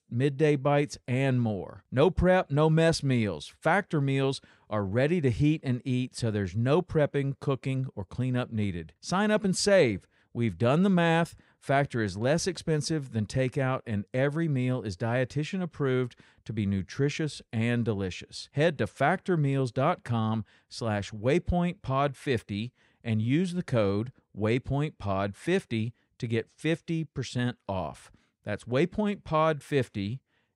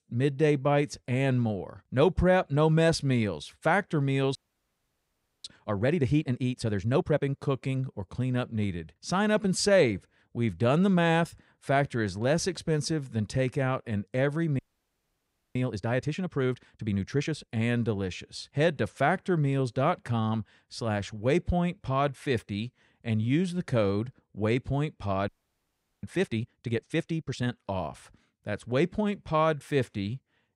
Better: first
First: none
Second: audio freezing; at 4.5 s for 1 s, at 15 s for 1 s and at 25 s for 1 s

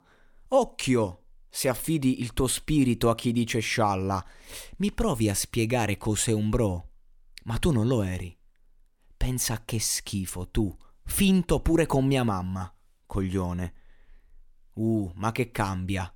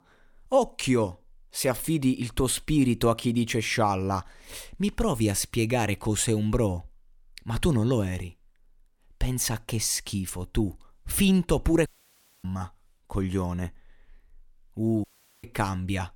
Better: first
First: none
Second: audio cutting out; at 12 s for 0.5 s and at 15 s

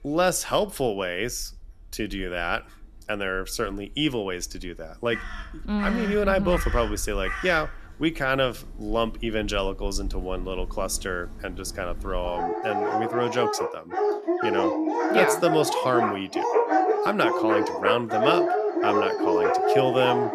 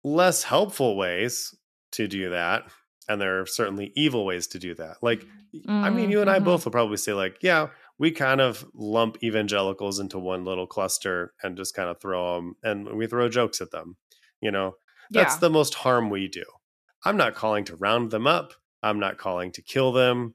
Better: second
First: animal sounds; very loud; throughout; 1 dB above the speech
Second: none

